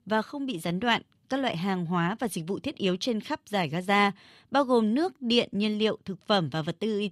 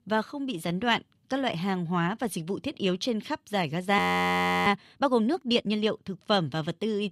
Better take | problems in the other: first | audio freezing; at 4 s for 0.5 s

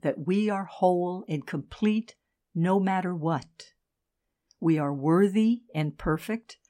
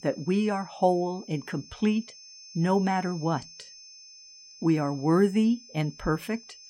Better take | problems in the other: first | high-pitched whine; noticeable; throughout; 5.5 kHz, 20 dB below the speech

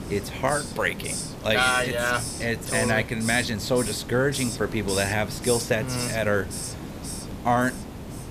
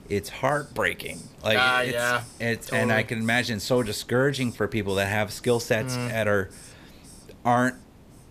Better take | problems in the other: second | hiss; loud; throughout; 7 dB below the speech; faint in the second

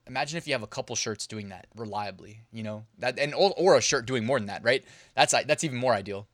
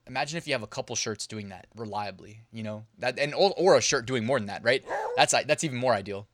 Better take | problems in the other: first | dog barking; noticeable; at 5 s; peak 6 dB below the speech

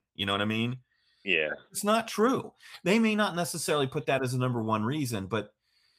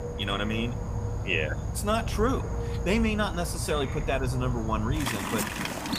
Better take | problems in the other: first | animal sounds; loud; throughout; 3 dB below the speech

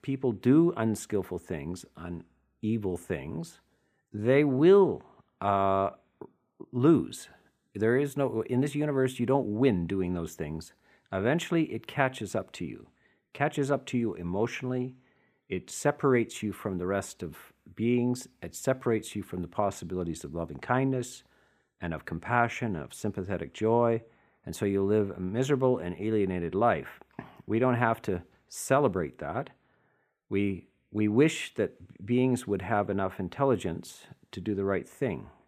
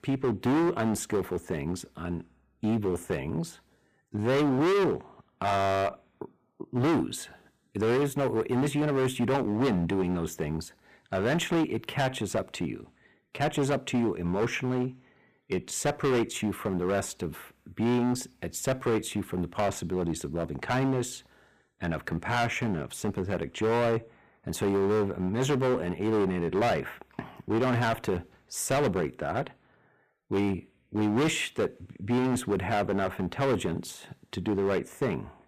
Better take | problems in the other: first | distortion; heavy; 13% of the sound clipped

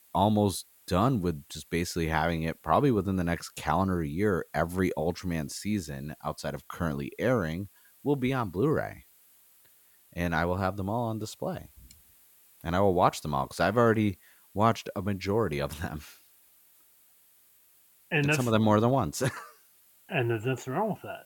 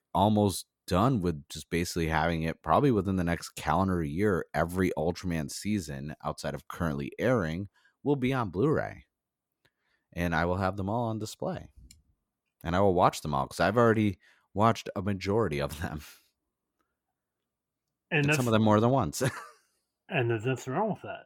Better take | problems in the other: second | hiss; faint; throughout; 30 dB below the speech

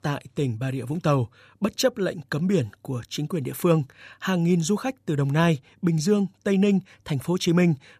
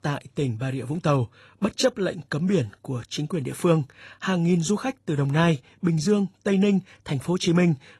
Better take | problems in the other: first | garbled, watery; slightly; nothing above 12 kHz

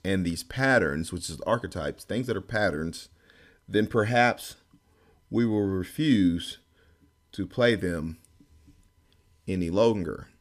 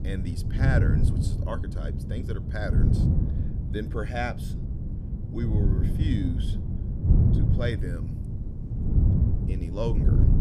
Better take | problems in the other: first | wind noise on the microphone; heavy; 3 dB below the speech

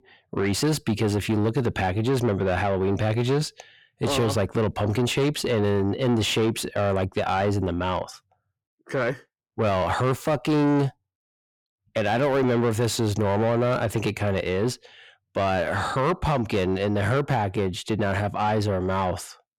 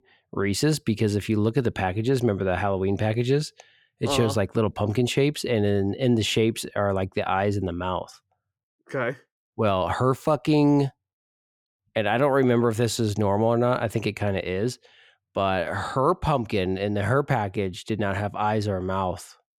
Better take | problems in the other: second | distortion; slight; 10 dB below the speech

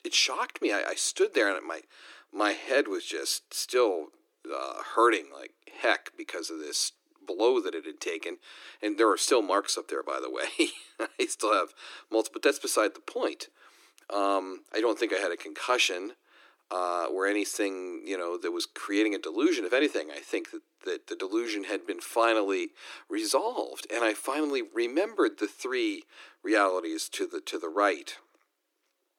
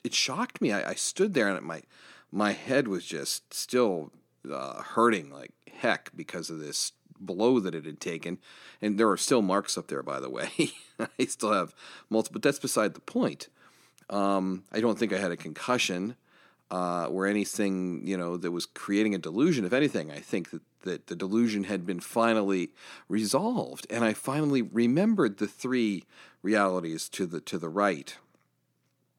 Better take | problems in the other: second | thin; somewhat; fading below 300 Hz

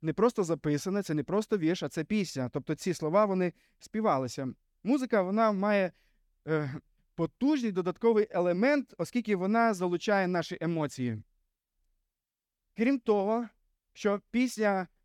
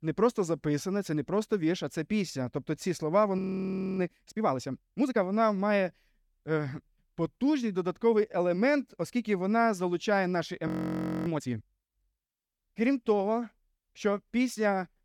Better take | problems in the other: first | audio freezing; at 3.5 s for 0.5 s and at 11 s for 0.5 s

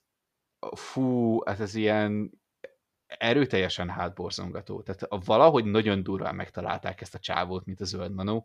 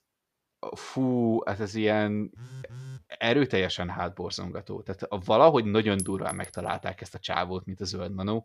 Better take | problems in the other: first | phone ringing; faint; at 2.5 s; peak 15 dB below the speech // clattering dishes; noticeable; at 6 s; peak 9 dB below the speech

